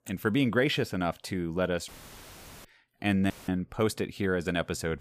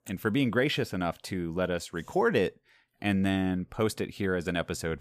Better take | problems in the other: second | audio cutting out; filled with static; at 2 s for 1 s and at 3.5 s

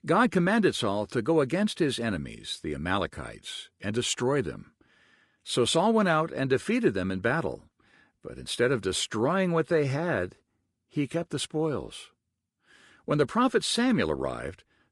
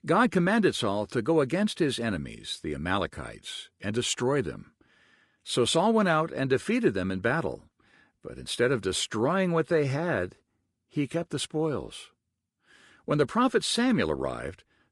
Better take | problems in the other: neither | garbled, watery; slightly; nothing above 10.5 kHz; the same in both

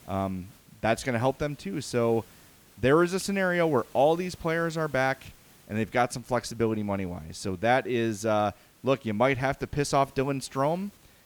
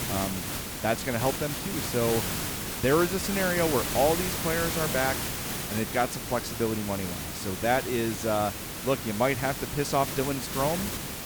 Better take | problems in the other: first | hiss; loud; throughout; 3 dB below the speech; faint in the first

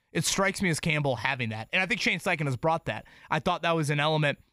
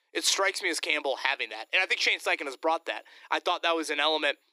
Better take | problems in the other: first | thin; very; fading below 300 Hz

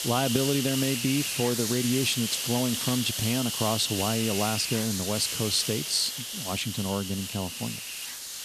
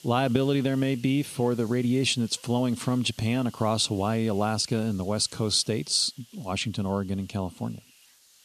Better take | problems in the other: second | hiss; loud; throughout; 2 dB below the speech; faint in the second

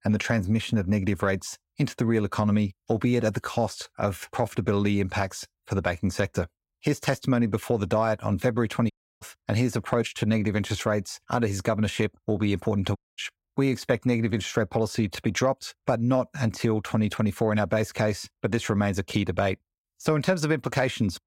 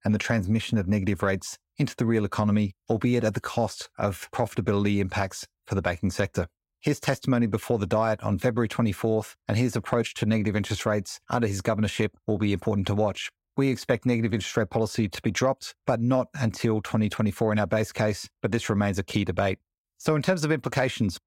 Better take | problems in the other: second | audio cutting out; at 9 s and at 13 s

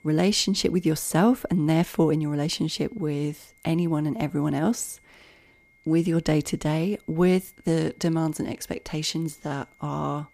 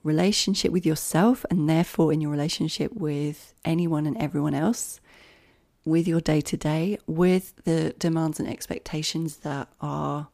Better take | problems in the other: second | high-pitched whine; faint; throughout; 2 kHz, 35 dB below the speech

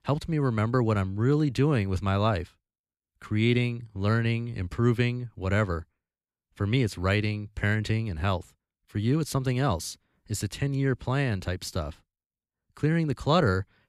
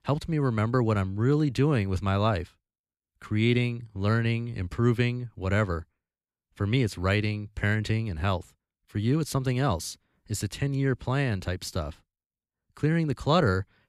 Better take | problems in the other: neither | none

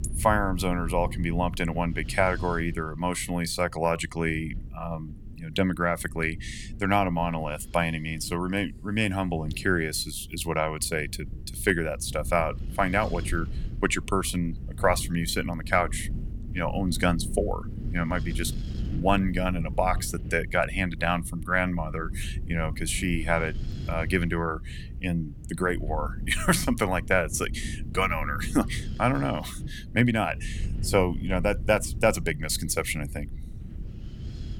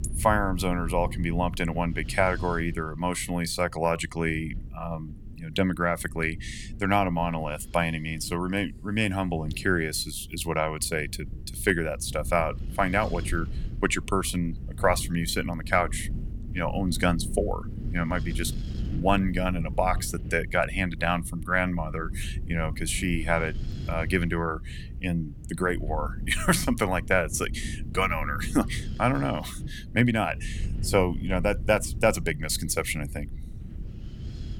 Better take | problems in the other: neither | wind noise on the microphone; occasional gusts; 20 dB below the speech; the same in both

